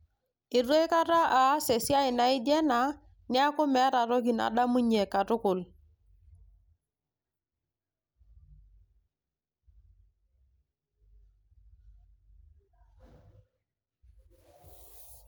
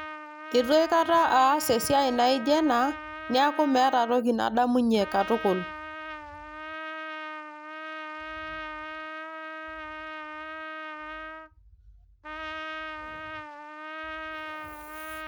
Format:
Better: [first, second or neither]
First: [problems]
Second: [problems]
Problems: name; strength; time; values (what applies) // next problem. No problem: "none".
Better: first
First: none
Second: background sound (Trumpet); 10 dB below the speech